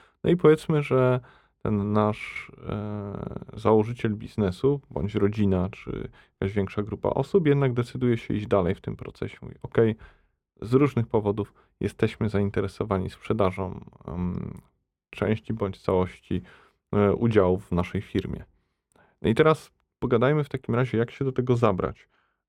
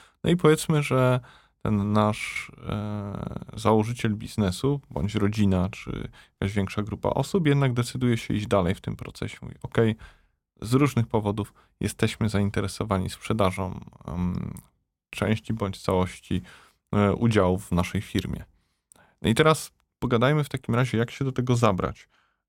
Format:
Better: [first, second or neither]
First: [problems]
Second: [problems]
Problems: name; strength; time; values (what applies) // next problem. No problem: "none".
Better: second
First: muffled; slightly; fading above 4 kHz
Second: none